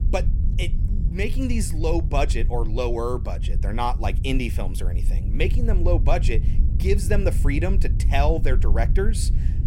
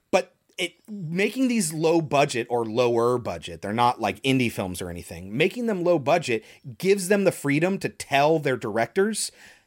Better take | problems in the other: second | low rumble; noticeable; throughout; 15 dB below the speech

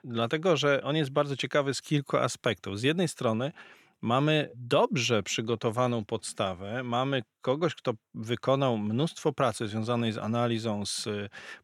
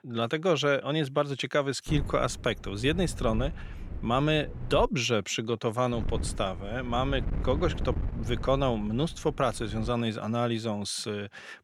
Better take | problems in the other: first | wind noise on the microphone; occasional gusts; from 2 to 5 s and from 6 to 10 s; 20 dB below the speech

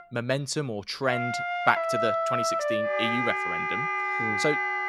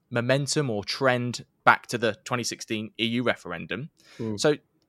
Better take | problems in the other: second | background music; very loud; throughout; 3 dB above the speech

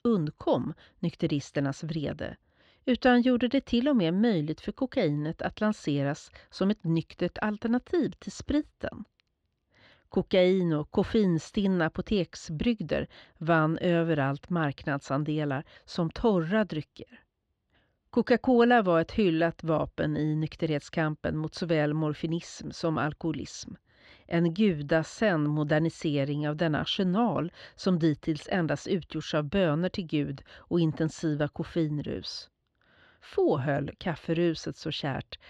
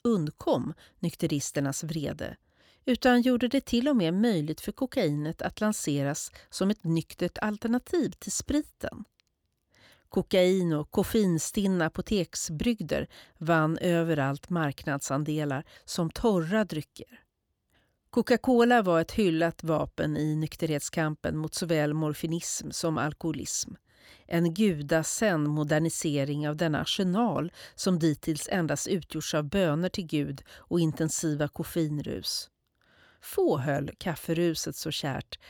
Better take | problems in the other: second | muffled; slightly; fading above 4 kHz

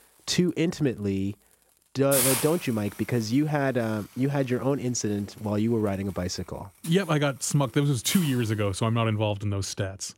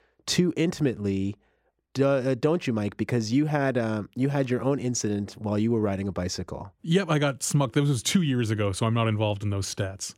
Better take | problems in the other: second | hiss; loud; throughout; 3 dB below the speech

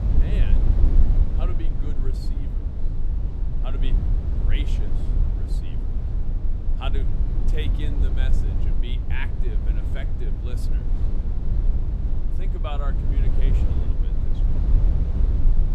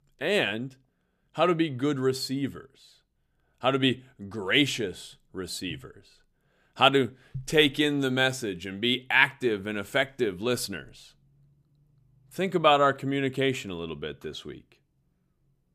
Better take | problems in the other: second | low rumble; loud; throughout; 2 dB below the speech

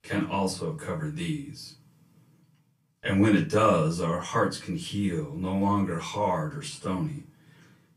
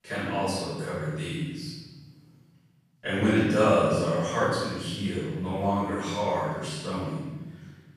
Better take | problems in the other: first | room echo; strong; dies away in 1.4 s; slight in the first // off-mic speech; far; far in the first

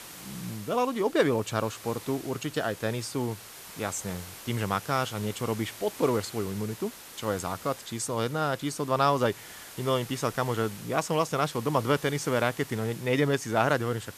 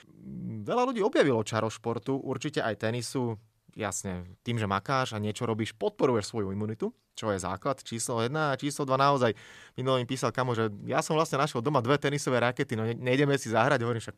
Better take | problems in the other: second | hiss; noticeable; throughout; 15 dB below the speech

